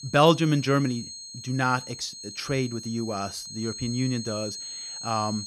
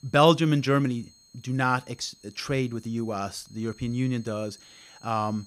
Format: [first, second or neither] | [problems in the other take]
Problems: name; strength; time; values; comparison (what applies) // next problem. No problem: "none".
second | high-pitched whine; loud; throughout; 4 kHz, 10 dB below the speech; faint in the second